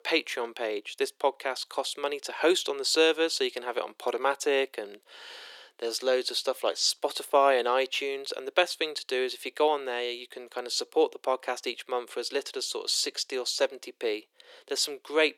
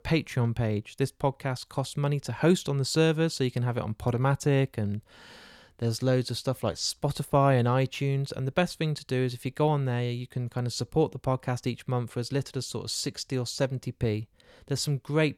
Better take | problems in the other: second | thin; very; fading below 350 Hz

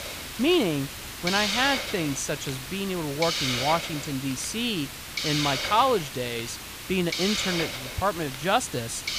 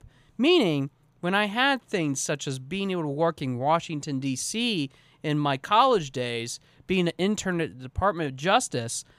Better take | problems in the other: second | hiss; loud; throughout; 3 dB below the speech

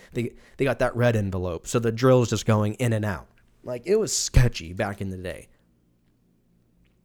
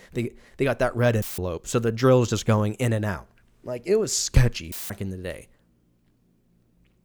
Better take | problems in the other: first | audio cutting out; filled with static; at 1 s and at 4.5 s

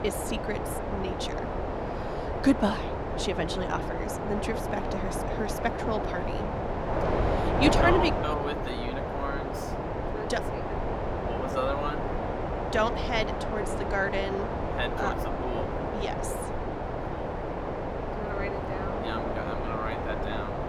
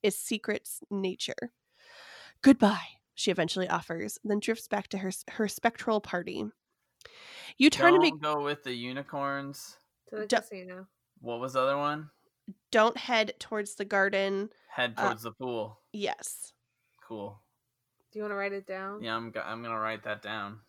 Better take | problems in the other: second | wind noise on the microphone; heavy; as loud as the speech

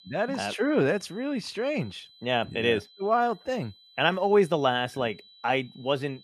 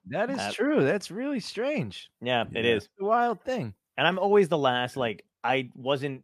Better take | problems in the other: second | high-pitched whine; faint; throughout; 4 kHz, 25 dB below the speech

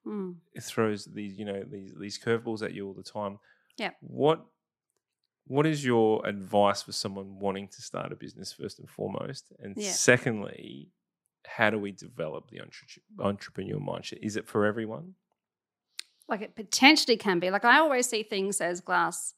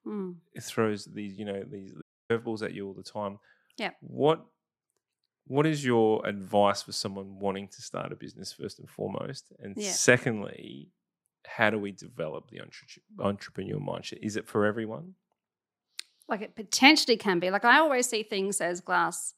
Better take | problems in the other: first | audio cutting out; at 2 s

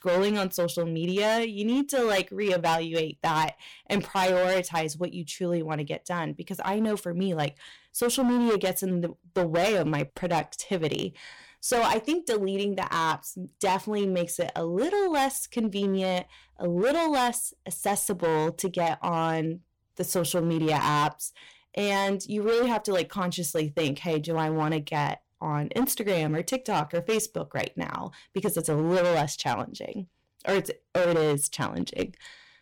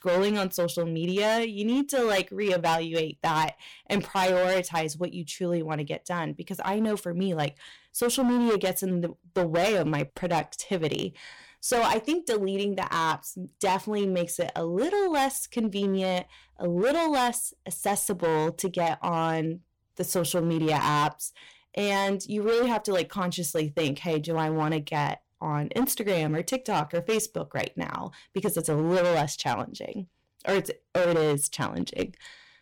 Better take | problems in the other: neither | distortion; heavy; 12% of the sound clipped; the same in both

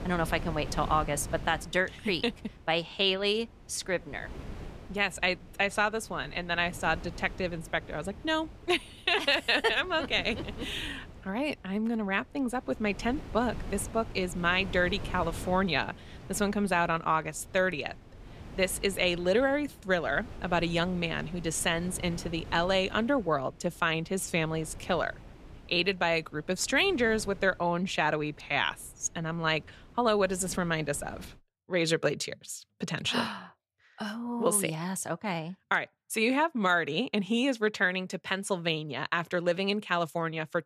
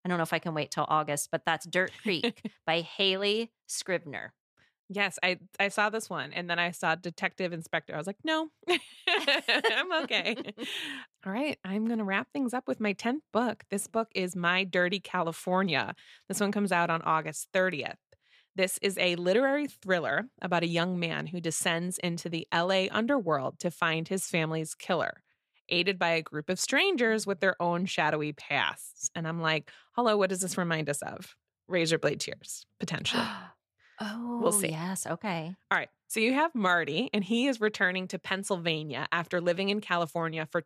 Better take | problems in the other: second | wind noise on the microphone; occasional gusts; until 31 s; 20 dB below the speech

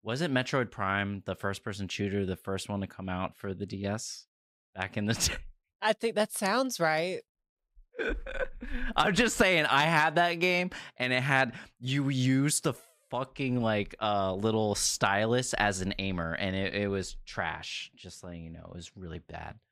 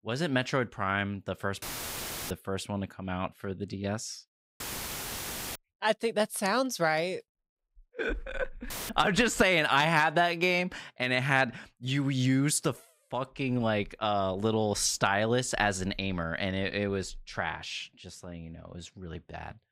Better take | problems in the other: first | audio cutting out; filled with static; at 1.5 s for 0.5 s, at 4.5 s for 1 s and at 8.5 s

